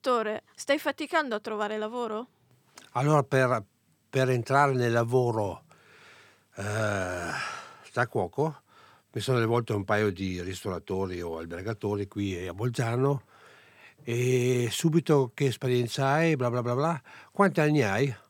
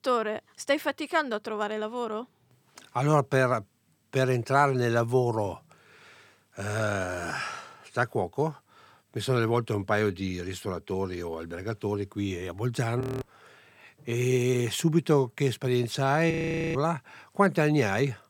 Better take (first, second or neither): first